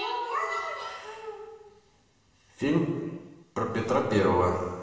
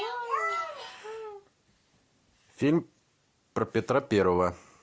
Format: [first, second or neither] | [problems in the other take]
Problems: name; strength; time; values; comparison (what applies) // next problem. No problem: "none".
second | room echo; dies away in 1.2 s